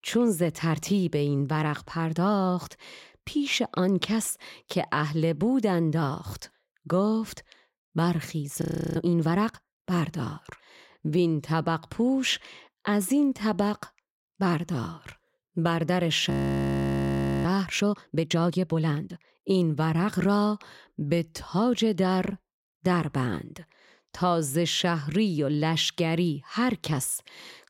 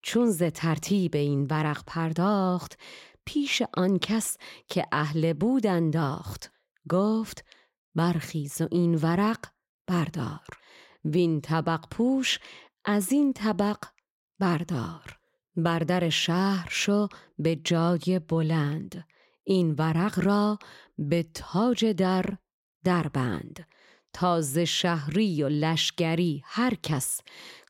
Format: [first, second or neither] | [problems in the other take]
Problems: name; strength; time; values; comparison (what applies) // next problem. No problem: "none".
second | audio freezing; at 8.5 s and at 16 s for 1 s